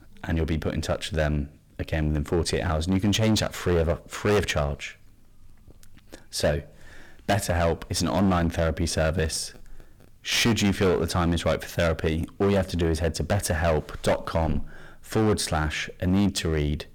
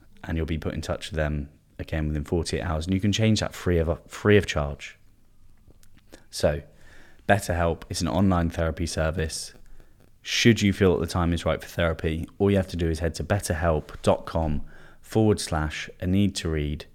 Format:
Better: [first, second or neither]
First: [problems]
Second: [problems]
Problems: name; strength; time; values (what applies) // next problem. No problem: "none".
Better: second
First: distortion; heavy; 13% of the sound clipped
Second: none